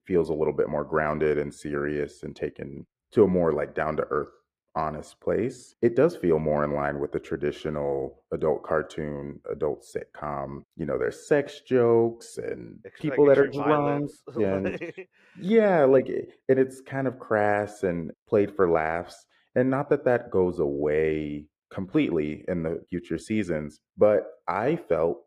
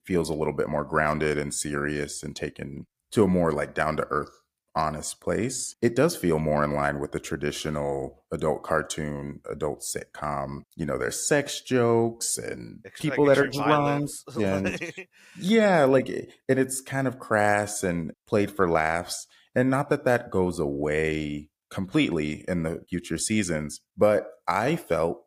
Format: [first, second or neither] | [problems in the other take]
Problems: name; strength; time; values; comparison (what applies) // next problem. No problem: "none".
second | muffled; very; fading above 4 kHz